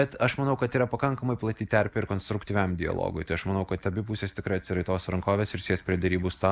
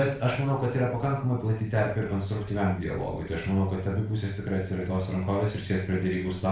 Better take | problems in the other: first | room echo; dies away in 0.4 s

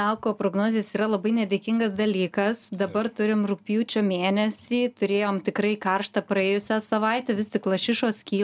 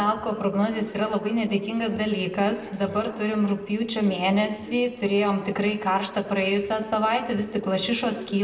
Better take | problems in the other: first | background sound (Subway, metro, underground); 18 dB below the speech // room echo; dies away in 0.9 s

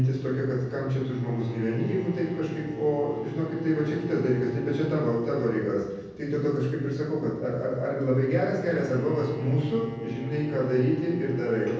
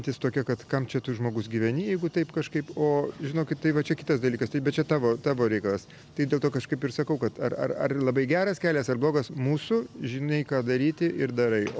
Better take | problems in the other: second | background sound (Bowed string instrument); 14 dB below the speech // room echo; dies away in 1.1 s

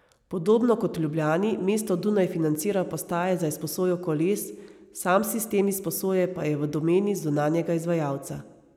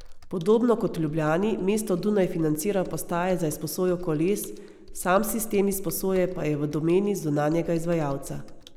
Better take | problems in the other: first | background sound (Computer keyboard); 14 dB below the speech

